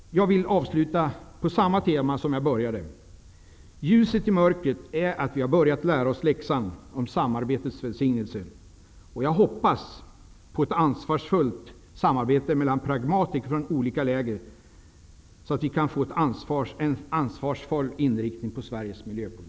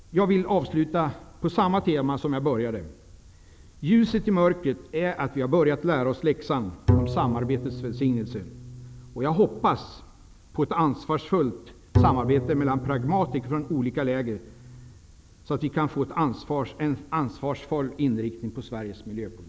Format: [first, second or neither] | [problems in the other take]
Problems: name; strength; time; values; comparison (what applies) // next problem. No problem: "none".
first | background sound (Bowed string instrument); 3 dB below the speech